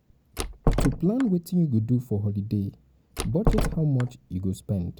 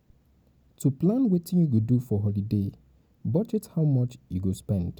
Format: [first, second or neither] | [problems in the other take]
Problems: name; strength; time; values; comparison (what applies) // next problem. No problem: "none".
second | background sound (Door); 1 dB below the speech